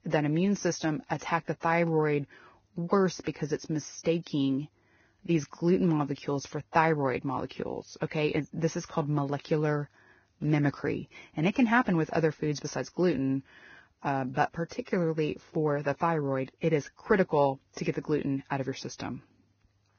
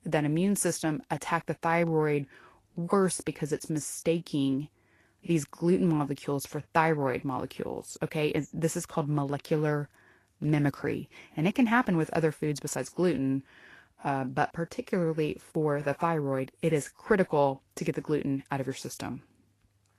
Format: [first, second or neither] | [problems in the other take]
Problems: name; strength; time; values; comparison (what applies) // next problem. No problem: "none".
second | garbled, watery; badly; nothing above 6.5 kHz; slightly in the second